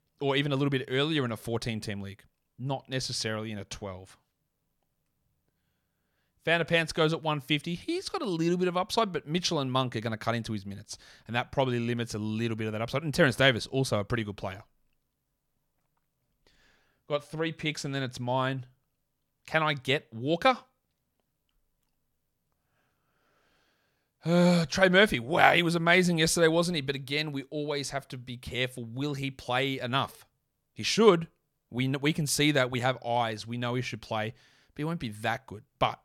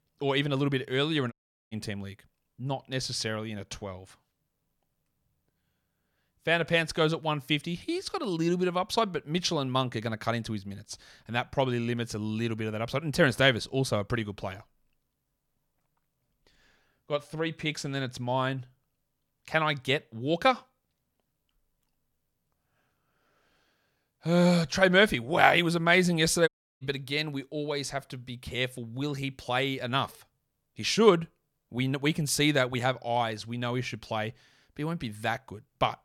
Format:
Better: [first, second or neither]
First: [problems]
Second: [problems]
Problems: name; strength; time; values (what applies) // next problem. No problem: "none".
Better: first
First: none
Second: audio cutting out; at 1.5 s and at 26 s